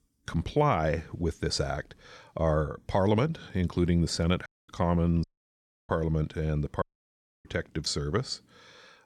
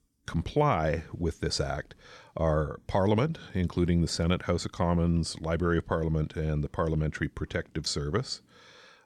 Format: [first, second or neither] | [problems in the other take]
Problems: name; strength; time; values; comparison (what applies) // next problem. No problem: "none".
second | audio cutting out; at 4.5 s, at 5 s for 0.5 s and at 7 s for 0.5 s